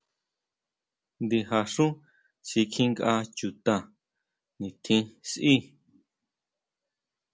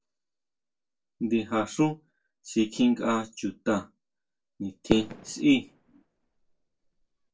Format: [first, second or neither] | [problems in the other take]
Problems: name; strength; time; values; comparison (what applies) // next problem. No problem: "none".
first | noise reduction (neural separator model SepFormer DNS4)